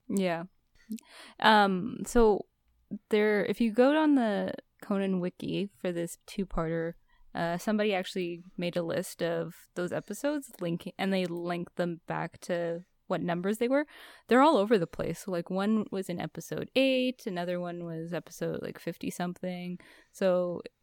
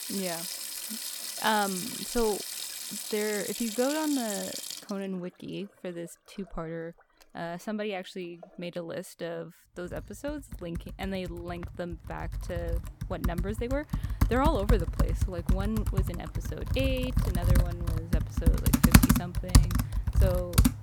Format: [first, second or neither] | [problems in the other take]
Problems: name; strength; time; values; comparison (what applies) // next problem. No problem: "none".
first | household noises; very loud; throughout; 5 dB above the speech